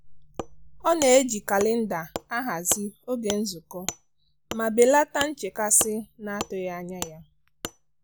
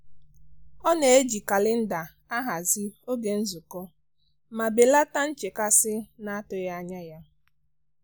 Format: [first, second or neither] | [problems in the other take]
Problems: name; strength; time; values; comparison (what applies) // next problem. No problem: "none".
second | background sound (Wood); 13 dB below the speech